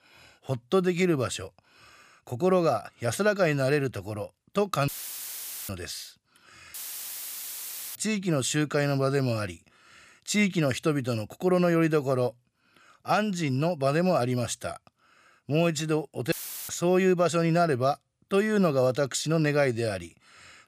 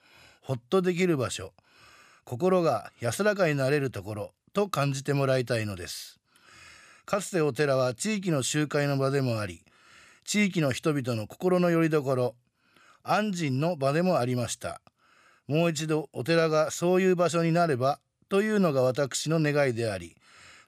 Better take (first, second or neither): second